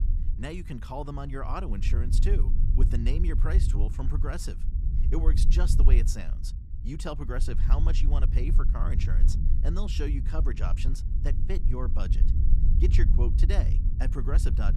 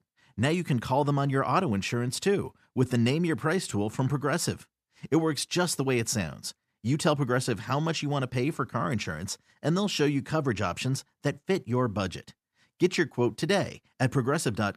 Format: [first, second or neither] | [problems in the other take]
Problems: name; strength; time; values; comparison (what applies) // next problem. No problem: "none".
second | low rumble; loud; throughout; 7 dB below the speech